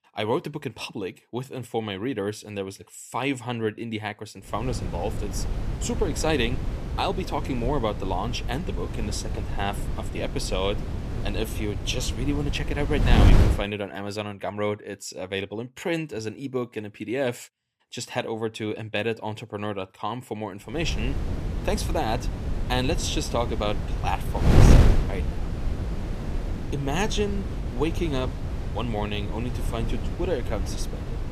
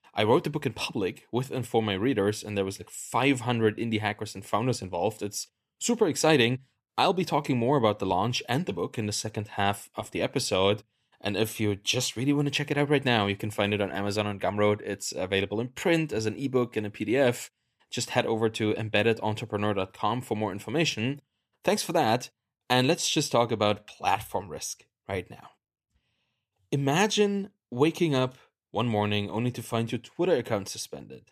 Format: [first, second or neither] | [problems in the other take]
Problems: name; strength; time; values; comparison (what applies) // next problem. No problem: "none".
second | wind noise on the microphone; heavy; from 4.5 to 14 s and from 21 s on; 6 dB below the speech